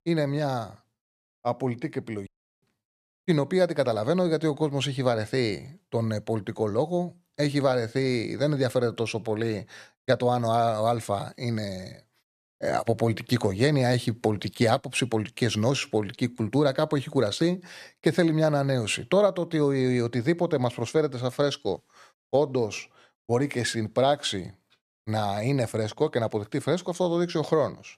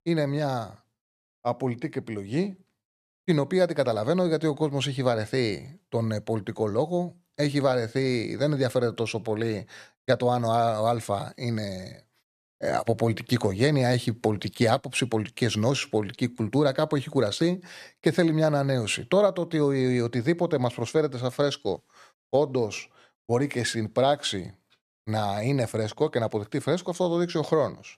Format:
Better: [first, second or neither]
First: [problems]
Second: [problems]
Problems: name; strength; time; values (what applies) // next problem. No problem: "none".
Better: second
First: audio cutting out; at 2.5 s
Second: none